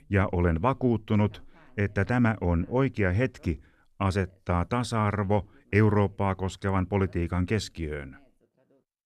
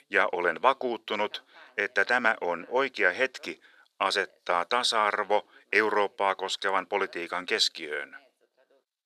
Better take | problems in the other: first | thin; very; fading below 500 Hz

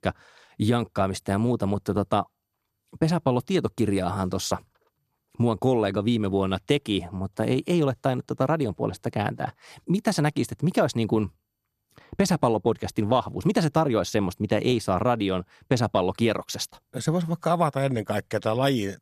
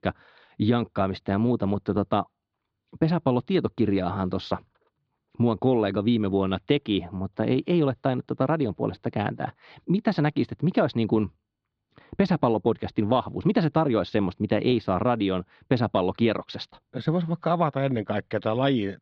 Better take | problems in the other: first | muffled; slightly; fading above 4 kHz

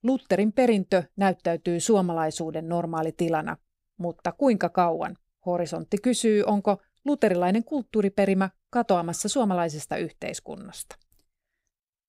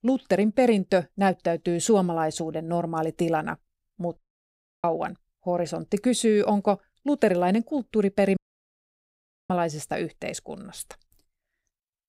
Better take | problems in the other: first | audio cutting out; at 4 s for 0.5 s and at 8.5 s for 1 s

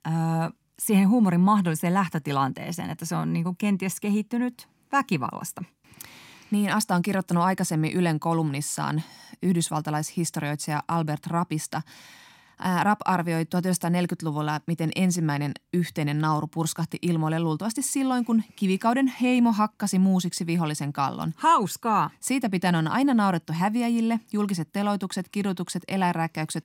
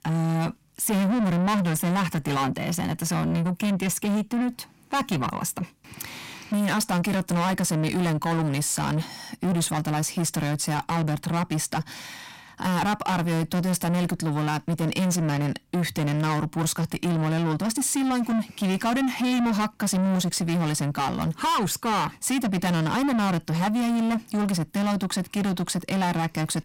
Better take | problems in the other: first | distortion; heavy; 7 dB below the speech

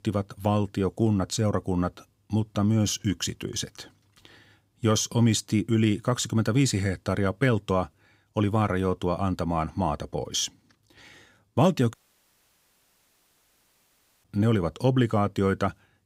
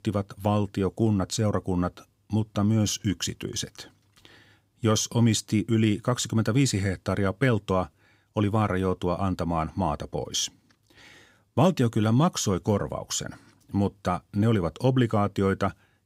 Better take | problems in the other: second | audio cutting out; at 12 s for 2.5 s

